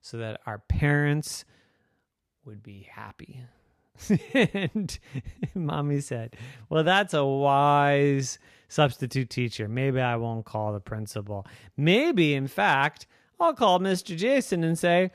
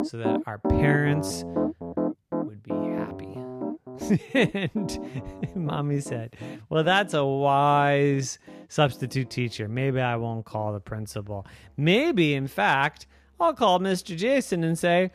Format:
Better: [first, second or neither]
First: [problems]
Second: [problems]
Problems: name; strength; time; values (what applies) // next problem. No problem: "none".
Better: first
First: none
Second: background music; loud; throughout; 7 dB below the speech